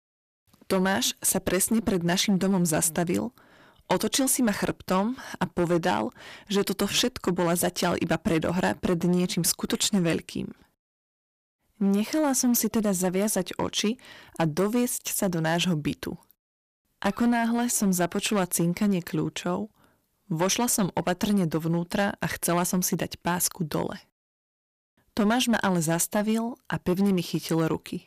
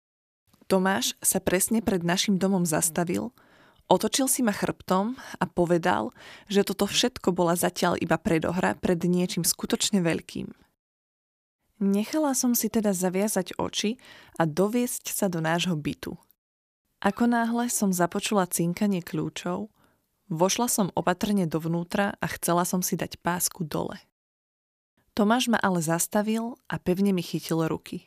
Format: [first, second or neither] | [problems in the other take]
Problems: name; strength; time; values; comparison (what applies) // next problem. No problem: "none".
second | distortion; slight; 6% of the sound clipped